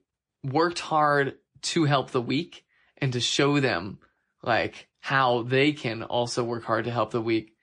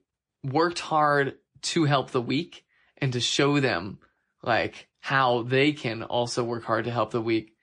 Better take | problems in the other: neither | garbled, watery; slightly; nothing above 8.5 kHz; the same in both

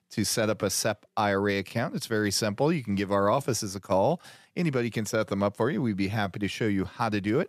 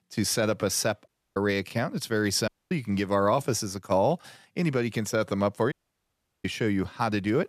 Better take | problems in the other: first | audio cutting out; at 1 s, at 2.5 s and at 5.5 s for 0.5 s

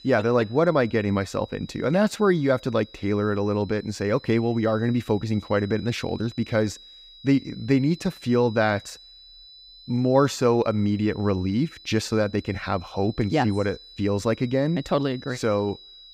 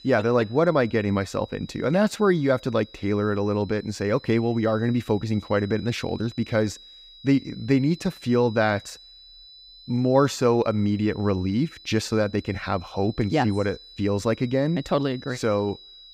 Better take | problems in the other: neither | high-pitched whine; faint; throughout; 4 kHz, 20 dB below the speech; the same in both

